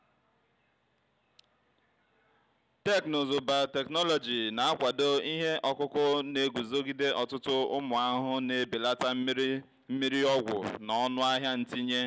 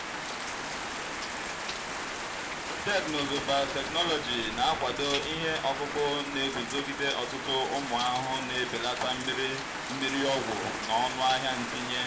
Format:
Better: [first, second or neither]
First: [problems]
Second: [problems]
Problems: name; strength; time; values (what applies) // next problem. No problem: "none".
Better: first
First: none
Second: background sound (Rain); 4 dB below the speech // room echo; dies away in 0.5 s